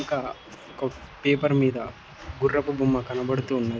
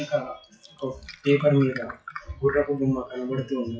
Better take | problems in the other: first | noise reduction (classical method WPE with log-MMSE)

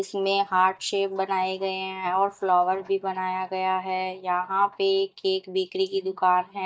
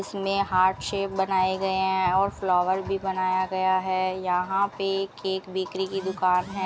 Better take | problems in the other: second | noise reduction (neural mask model DeepFilterNet 3)

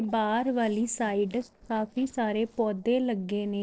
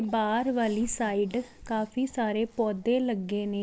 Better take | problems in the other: second | noise reduction (neural separator model SepFormer DNS4)

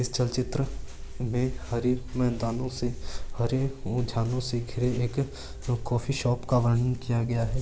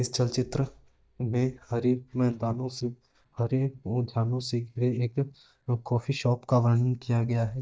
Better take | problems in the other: first | noise reduction (neural mask model DeepFilterNet 3)

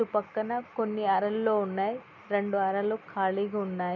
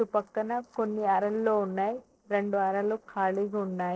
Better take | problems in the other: first | noise reduction (neural separator model SepFormer DNS4)

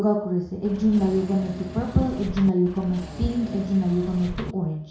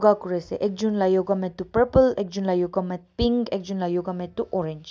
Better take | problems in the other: second | background sound (Engine / Mechanisms); 13 dB below the speech // room echo; dies away in 0.6 s

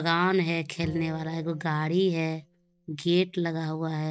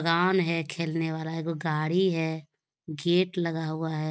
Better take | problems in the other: second | background sound (Bowed string instrument); 19 dB below the speech

